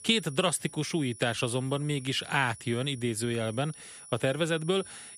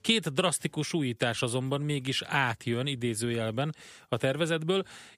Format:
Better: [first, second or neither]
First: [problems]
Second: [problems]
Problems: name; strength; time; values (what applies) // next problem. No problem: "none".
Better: second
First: high-pitched whine; noticeable; throughout; 10 kHz, 15 dB below the speech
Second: none